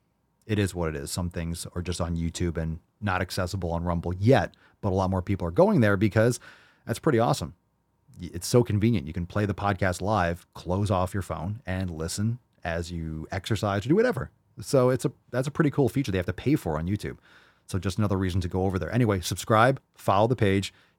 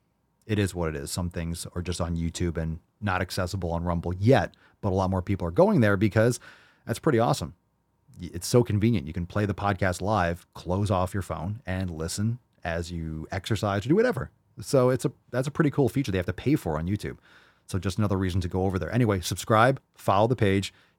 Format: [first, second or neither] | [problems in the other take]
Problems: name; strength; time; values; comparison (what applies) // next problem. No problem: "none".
neither | none